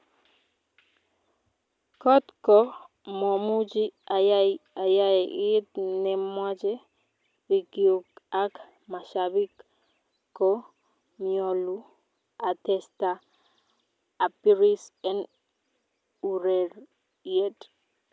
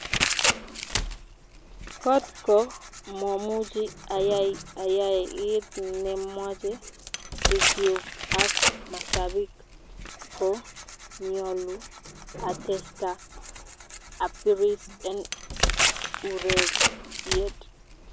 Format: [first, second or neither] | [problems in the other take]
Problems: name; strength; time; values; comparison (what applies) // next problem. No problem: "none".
first | background sound (Tearing); 1 dB below the speech